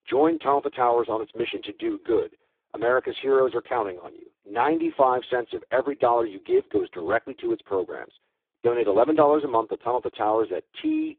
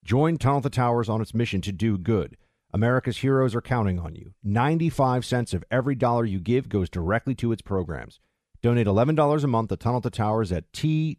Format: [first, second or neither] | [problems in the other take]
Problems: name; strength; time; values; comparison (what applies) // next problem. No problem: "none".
second | phone-call audio; poor line; nothing above 3.5 kHz